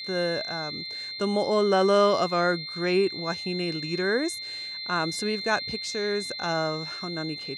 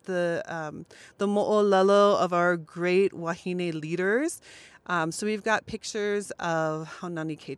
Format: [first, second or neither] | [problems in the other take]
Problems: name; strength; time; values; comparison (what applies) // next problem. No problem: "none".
second | high-pitched whine; loud; throughout; 4 kHz, 6 dB below the speech